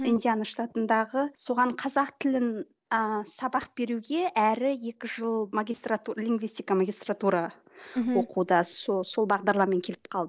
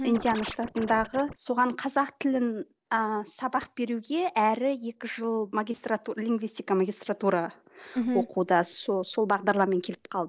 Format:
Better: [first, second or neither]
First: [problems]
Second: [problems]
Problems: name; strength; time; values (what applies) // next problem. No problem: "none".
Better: first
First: none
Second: background sound (Scratching (performance technique)); 12 dB below the speech